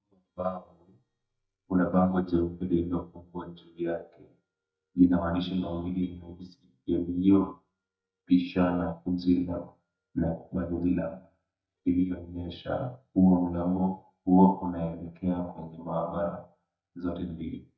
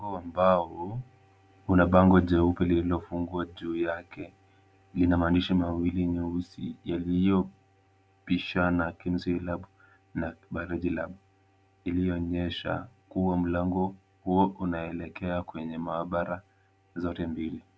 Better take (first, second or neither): second